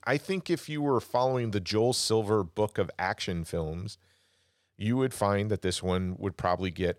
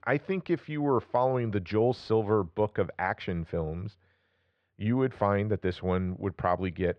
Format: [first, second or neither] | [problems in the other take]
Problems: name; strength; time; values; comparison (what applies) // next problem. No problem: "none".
first | muffled; very; fading above 2.5 kHz